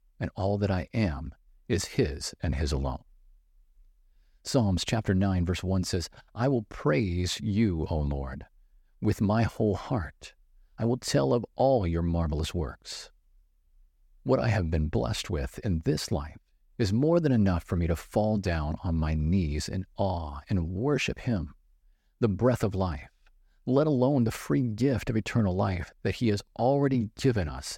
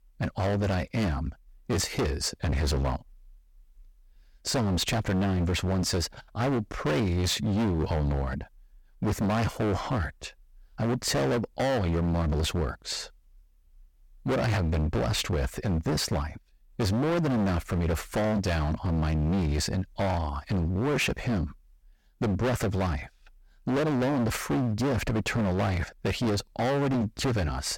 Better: first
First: none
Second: distortion; heavy; 25% of the sound clipped

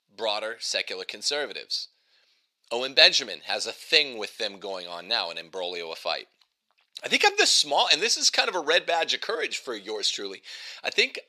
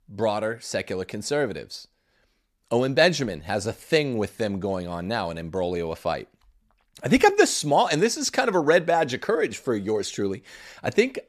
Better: second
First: thin; somewhat; fading below 500 Hz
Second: none

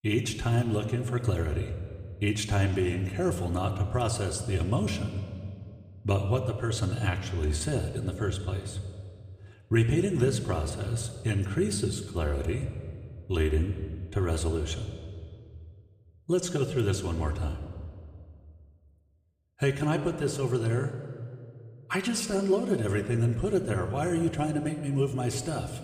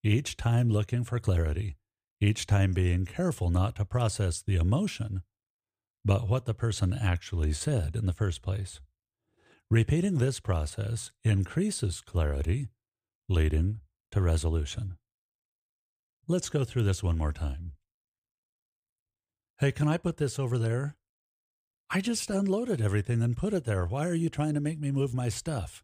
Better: second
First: room echo; slight; dies away in 1.5 s // off-mic speech; somewhat distant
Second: none

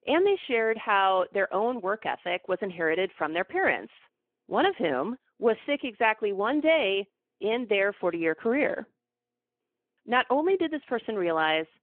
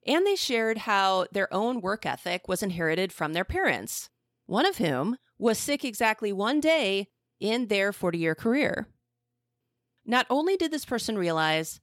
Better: second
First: phone-call audio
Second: none

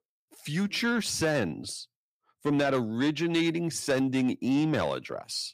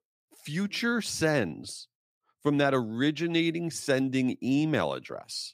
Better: second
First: distortion; slight; 10 dB below the speech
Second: none

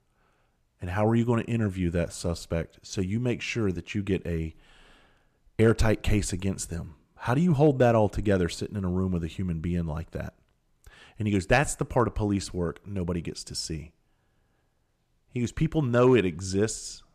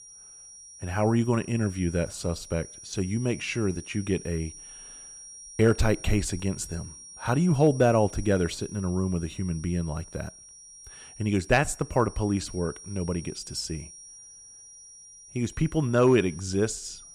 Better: first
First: none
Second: high-pitched whine; noticeable; throughout; 5.5 kHz, 15 dB below the speech

